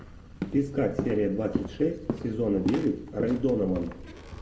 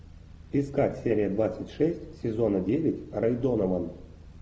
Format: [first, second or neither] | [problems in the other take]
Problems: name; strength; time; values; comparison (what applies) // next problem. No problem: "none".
second | background sound (Walk, footsteps); 8 dB below the speech // room echo; dies away in 0.4 s